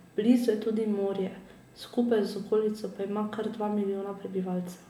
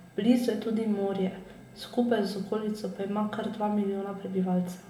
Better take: first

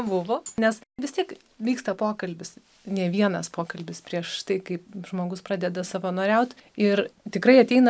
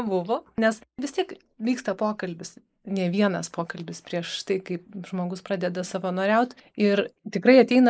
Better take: first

